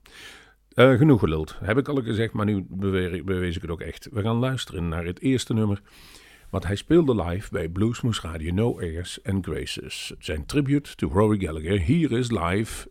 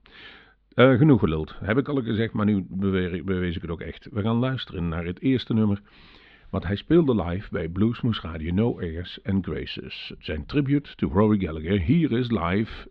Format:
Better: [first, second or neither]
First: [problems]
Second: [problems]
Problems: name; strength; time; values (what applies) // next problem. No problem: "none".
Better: first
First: none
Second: muffled; slightly; fading above 4 kHz